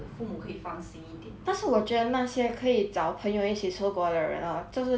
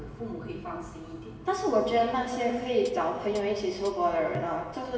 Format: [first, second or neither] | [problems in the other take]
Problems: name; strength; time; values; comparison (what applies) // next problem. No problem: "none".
first | background sound (Hi-hat); 17 dB below the speech // room echo; dies away in 2.1 s